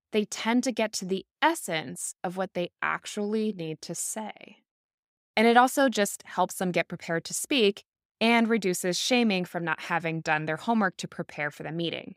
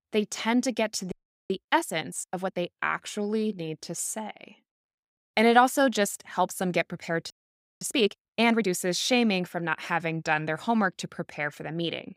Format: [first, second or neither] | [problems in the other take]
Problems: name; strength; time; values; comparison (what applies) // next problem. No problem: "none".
first | audio freezing; at 1 s and at 7.5 s for 0.5 s